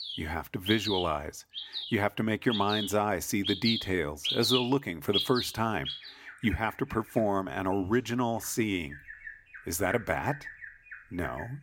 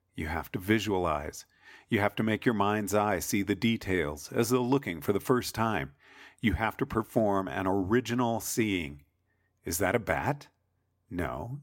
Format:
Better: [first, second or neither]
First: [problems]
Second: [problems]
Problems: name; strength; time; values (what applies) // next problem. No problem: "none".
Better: second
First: animal sounds; loud; throughout; 5 dB below the speech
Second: none